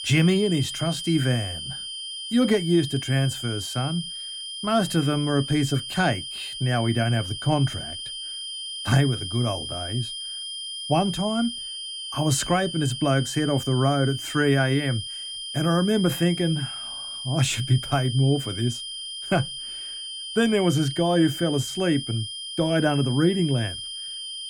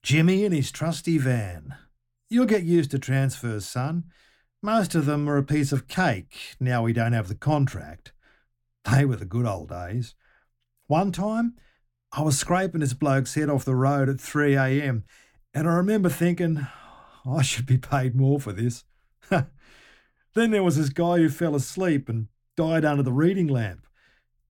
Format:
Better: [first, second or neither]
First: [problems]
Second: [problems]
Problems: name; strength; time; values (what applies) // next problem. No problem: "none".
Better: second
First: high-pitched whine; loud; throughout; 3 kHz, 7 dB below the speech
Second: none